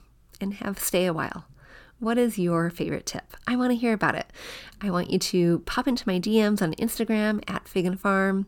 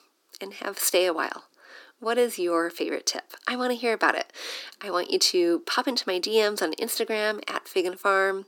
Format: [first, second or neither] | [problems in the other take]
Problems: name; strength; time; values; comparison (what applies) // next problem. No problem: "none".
first | thin; somewhat; fading below 300 Hz